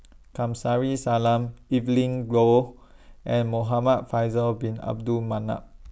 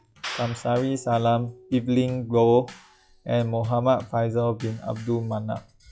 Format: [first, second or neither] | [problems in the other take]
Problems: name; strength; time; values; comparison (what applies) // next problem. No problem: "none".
first | noise reduction (classical method log-MMSE)